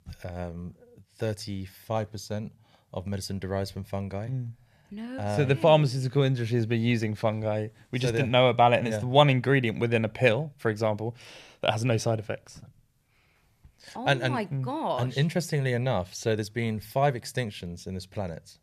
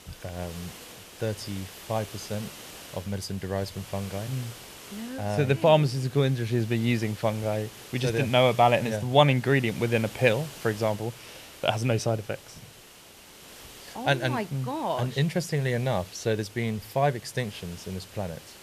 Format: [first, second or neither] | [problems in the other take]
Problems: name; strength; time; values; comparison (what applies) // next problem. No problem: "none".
first | hiss; noticeable; throughout; 15 dB below the speech